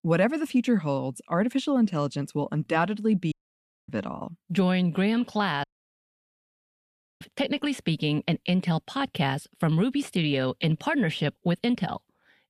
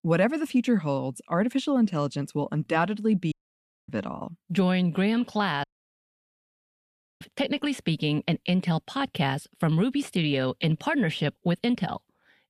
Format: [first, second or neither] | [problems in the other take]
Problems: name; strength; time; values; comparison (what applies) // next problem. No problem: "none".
neither | audio cutting out; at 3.5 s for 0.5 s and at 5.5 s for 1.5 s; the same in both